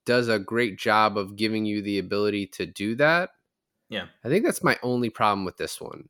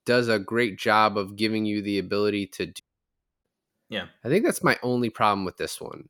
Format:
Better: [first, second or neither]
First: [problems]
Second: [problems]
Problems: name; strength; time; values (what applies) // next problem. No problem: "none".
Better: first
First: none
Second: audio cutting out; at 3 s for 0.5 s